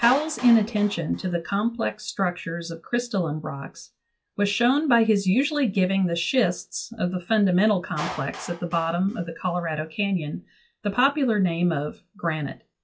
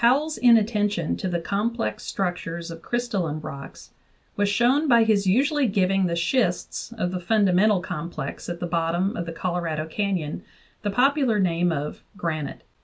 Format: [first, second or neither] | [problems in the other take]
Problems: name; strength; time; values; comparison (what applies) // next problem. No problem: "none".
second | noise reduction (classical method log-MMSE)